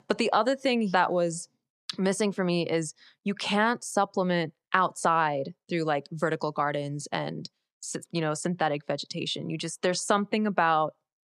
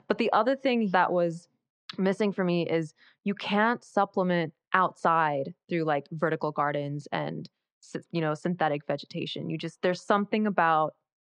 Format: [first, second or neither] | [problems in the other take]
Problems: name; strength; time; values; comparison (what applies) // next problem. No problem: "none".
first | muffled; slightly; fading above 3 kHz